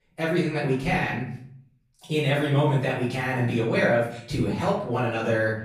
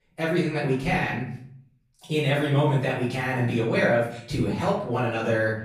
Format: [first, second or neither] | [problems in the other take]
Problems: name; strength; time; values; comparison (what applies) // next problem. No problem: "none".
neither | room echo; noticeable; dies away in 0.6 s; the same in both // off-mic speech; far; the same in both